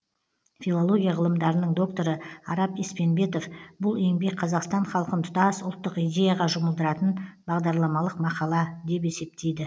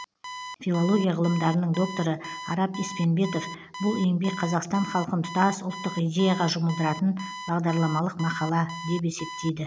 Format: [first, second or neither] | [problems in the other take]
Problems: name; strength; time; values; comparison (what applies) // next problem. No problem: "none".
first | background sound (Alarm); 13 dB below the speech